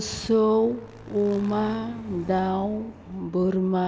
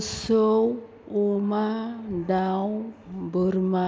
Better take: second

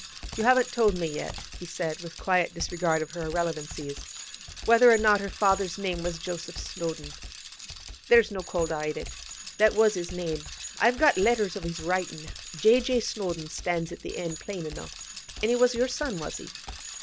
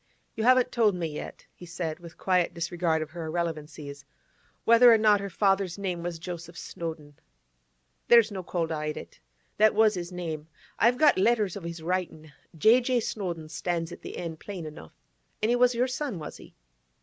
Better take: second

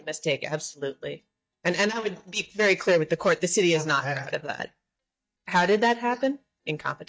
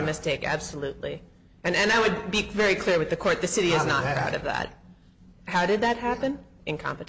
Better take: second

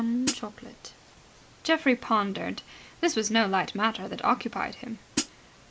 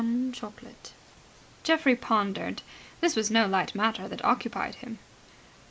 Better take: second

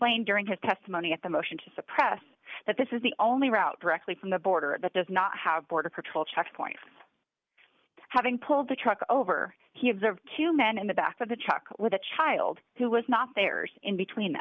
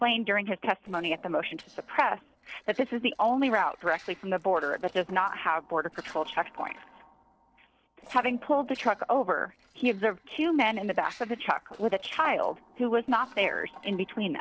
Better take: first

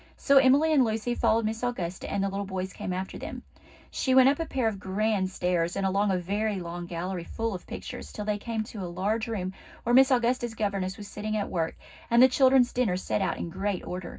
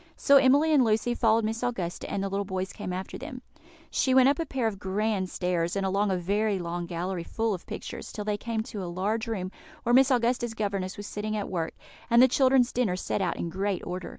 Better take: second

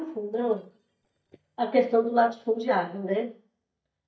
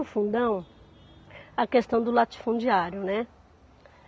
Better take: second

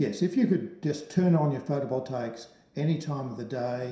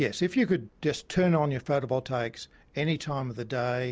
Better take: second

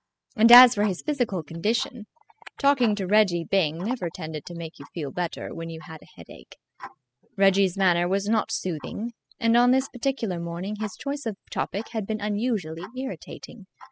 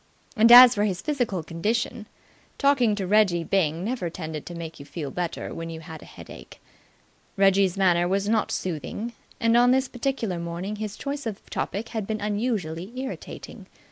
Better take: second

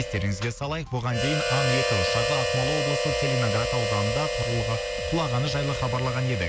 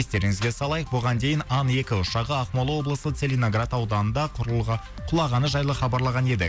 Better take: second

